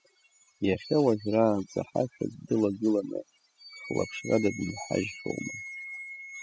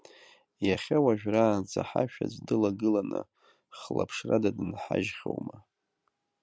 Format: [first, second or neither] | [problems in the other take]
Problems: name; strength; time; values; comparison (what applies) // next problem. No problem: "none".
second | noise reduction (classical method spectral subtraction)